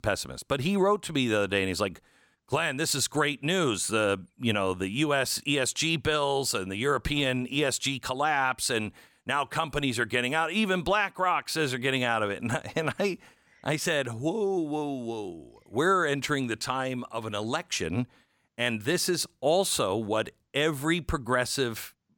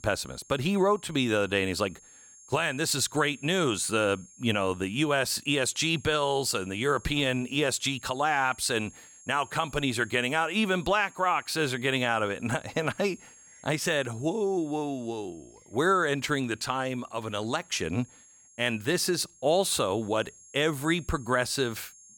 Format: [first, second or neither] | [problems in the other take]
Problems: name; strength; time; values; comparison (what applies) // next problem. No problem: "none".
first | high-pitched whine; faint; throughout; 6.5 kHz, 25 dB below the speech